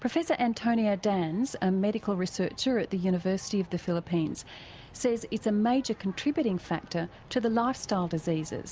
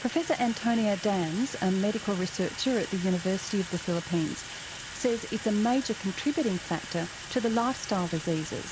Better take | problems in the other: first | background sound (Sink (filling or washing) / Water tap, faucet); 12 dB below the speech

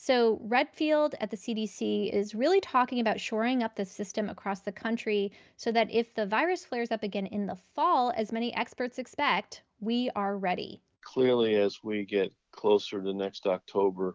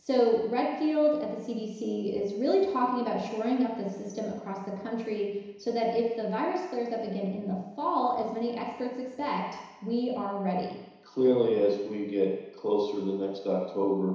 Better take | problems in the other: first | room echo; dies away in 1 s

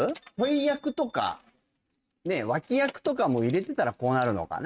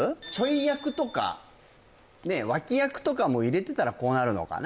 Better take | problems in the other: second | noise reduction (neural mask model RNNoise)

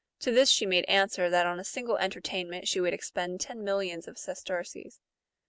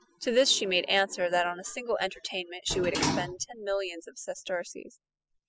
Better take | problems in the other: first | noise reduction (classical method spectral subtraction)

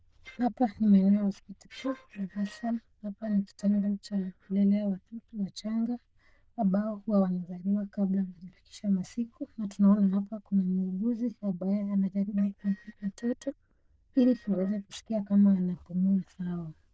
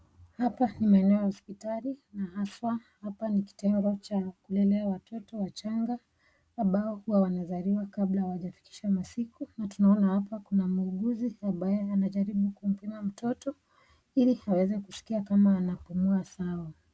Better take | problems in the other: second | noise reduction (neural diffusion model UNIVERSE++)

